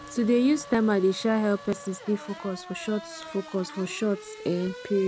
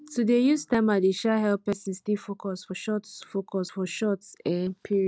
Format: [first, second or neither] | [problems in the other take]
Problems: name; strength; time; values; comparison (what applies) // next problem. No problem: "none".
second | background sound (Race car, auto racing / Accelerating, revving, vroom); 16 dB below the speech